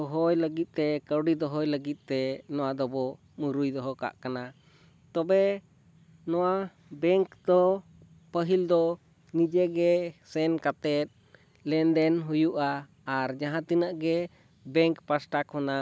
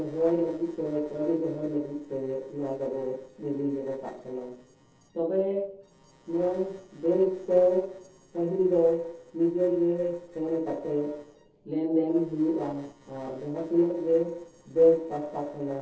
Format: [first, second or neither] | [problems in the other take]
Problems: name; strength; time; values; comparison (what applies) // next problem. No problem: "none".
first | noise reduction (neural separator model SepFormer DNS4)